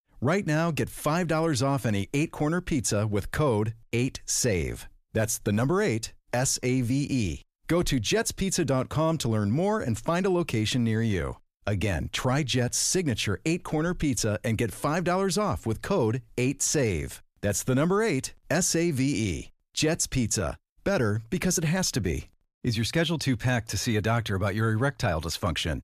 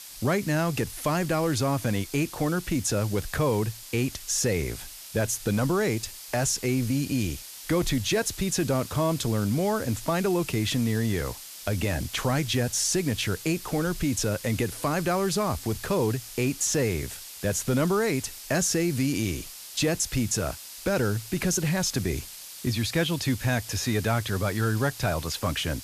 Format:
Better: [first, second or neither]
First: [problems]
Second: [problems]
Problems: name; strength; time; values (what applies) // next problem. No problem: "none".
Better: first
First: none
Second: hiss; noticeable; throughout; 10 dB below the speech